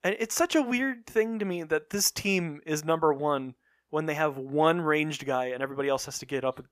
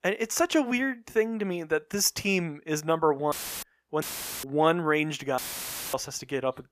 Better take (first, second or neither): first